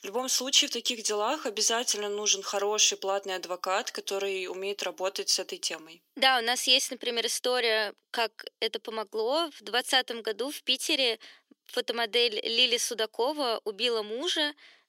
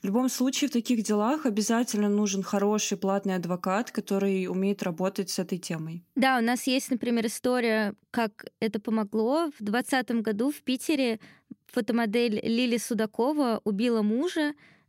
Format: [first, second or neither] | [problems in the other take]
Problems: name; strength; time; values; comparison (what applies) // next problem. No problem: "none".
second | thin; very; fading below 400 Hz